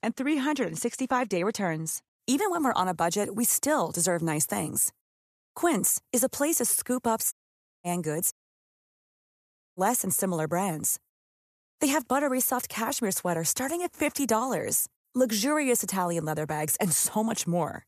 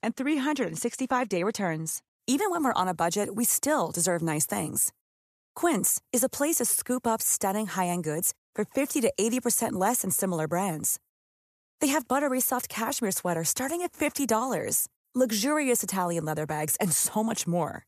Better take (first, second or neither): second